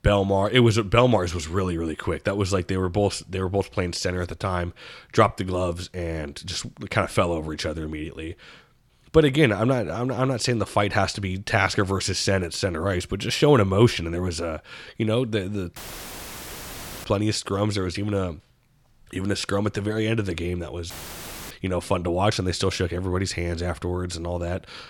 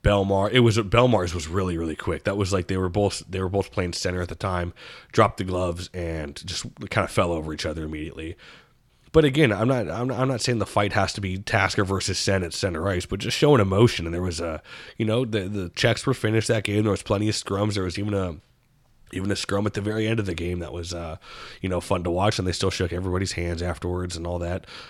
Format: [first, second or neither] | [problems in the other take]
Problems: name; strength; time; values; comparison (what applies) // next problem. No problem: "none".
second | audio cutting out; filled with static; at 16 s for 1.5 s and at 21 s for 0.5 s